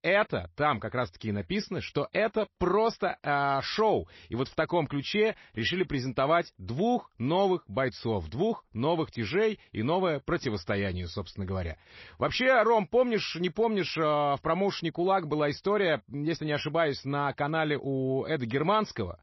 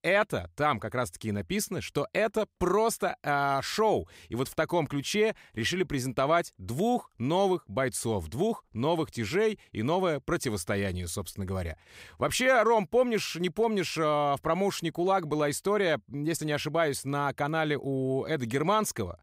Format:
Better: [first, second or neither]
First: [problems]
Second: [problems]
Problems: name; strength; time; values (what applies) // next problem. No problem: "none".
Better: second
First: garbled, watery; slightly; nothing above 5.5 kHz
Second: none